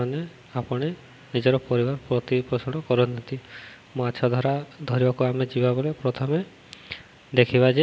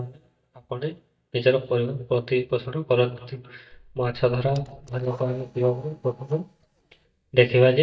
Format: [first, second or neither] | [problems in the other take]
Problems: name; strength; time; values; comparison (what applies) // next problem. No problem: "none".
first | noise reduction (neural mask model DeepFilterNet 3)